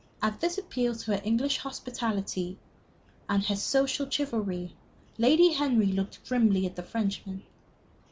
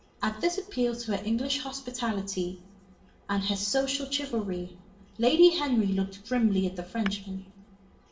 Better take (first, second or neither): first